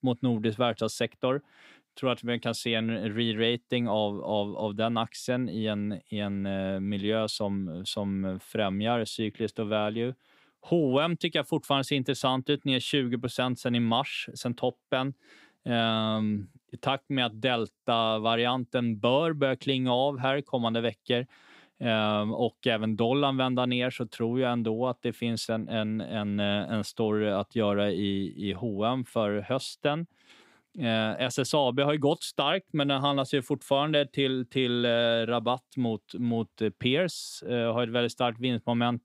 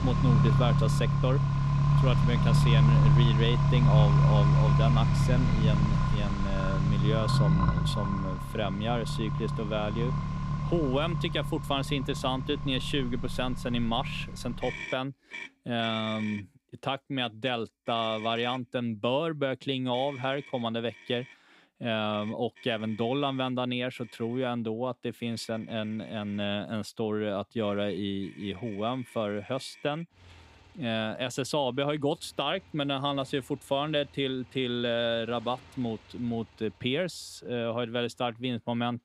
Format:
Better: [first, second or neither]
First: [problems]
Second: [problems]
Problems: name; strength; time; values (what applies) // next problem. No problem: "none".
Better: first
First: none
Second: traffic noise; very loud; throughout; 5 dB above the speech